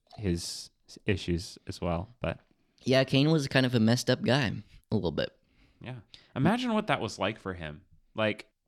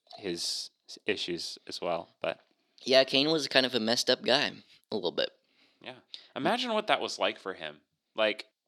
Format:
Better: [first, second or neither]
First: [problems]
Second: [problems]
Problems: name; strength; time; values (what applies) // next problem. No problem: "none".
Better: first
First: none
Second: thin; somewhat; fading below 400 Hz